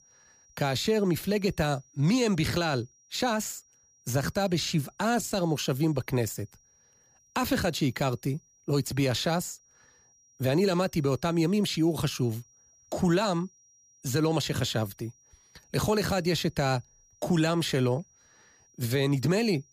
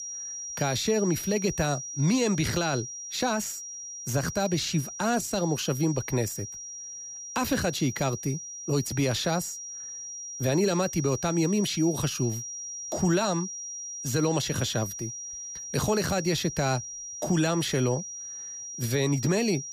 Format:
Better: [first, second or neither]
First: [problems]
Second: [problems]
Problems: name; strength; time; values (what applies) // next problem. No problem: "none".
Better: first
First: high-pitched whine; faint; throughout; 5.5 kHz, 30 dB below the speech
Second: high-pitched whine; loud; throughout; 5.5 kHz, 8 dB below the speech